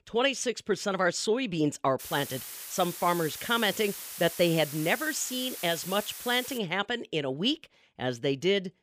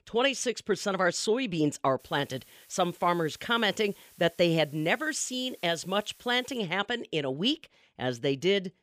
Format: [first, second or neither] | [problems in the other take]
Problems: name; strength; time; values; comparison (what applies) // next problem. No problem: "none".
second | hiss; loud; from 2 to 6.5 s; 9 dB below the speech; faint in the second